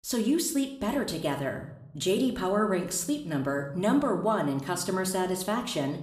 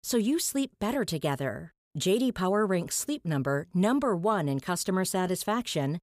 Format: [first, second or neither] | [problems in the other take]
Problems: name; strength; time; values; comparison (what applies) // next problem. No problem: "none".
second | room echo; slight; dies away in 0.6 s